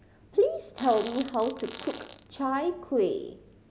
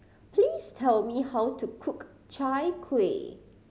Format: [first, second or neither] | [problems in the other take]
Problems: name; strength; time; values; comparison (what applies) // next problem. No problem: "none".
second | background sound (Fart); 15 dB below the speech